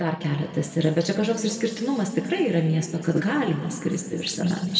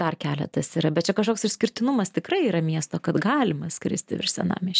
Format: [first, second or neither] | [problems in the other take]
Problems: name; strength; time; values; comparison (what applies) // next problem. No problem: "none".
second | room echo; dies away in 2.1 s